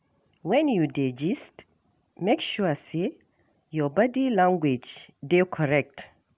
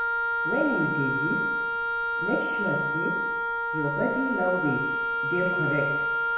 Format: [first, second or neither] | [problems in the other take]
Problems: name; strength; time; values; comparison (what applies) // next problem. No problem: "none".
first | background sound (Wind instrument, woodwind instrument); 3 dB above the speech // room echo; dies away in 1 s